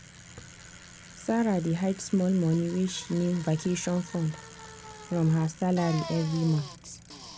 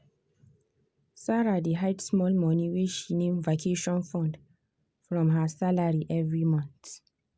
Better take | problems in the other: second | background sound (Bicycle); 16 dB below the speech

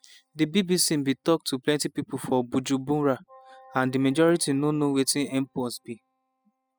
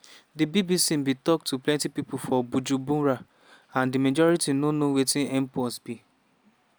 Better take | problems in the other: second | noise reduction (classical method spectral subtraction)

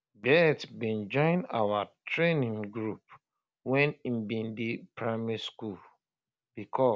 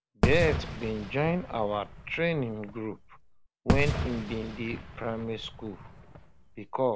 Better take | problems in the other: first | background sound (Fireworks); 2 dB below the speech

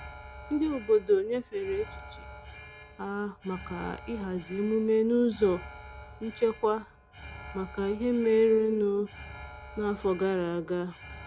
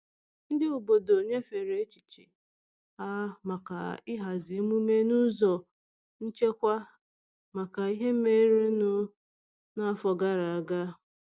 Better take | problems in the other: second | background sound (Alarm); 17 dB below the speech

